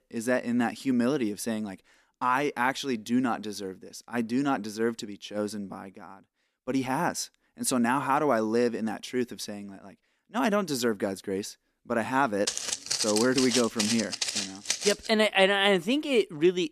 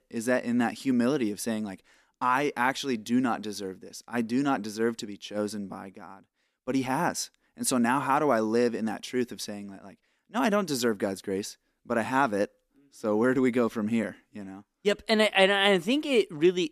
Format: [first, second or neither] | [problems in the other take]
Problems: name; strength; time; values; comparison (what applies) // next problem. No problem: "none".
second | footsteps; loud; from 12 to 15 s; peak level with the speech